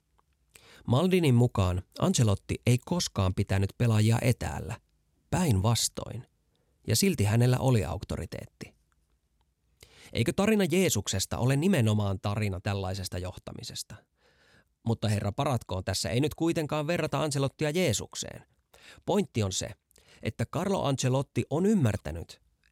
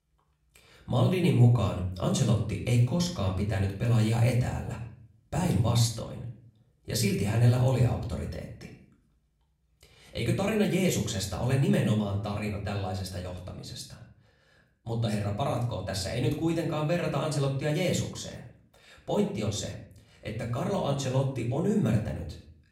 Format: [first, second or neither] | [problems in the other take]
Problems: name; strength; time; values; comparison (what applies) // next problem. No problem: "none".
first | off-mic speech; far // room echo; slight; dies away in 0.5 s